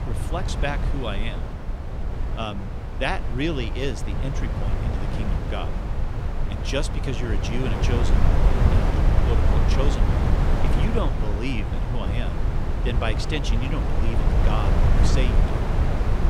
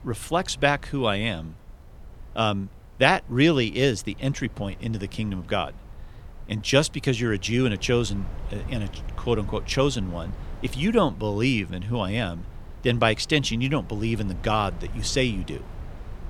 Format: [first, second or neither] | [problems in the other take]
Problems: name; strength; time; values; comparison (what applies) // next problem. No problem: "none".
second | wind noise on the microphone; heavy; 1 dB below the speech; occasional gusts in the second